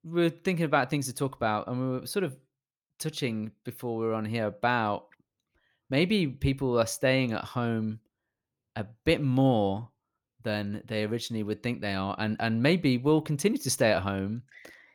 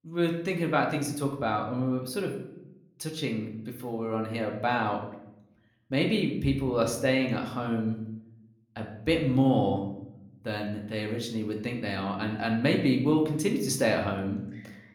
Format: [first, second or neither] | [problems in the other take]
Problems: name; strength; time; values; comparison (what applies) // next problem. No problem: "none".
first | room echo; slight; dies away in 0.6 s // off-mic speech; somewhat distant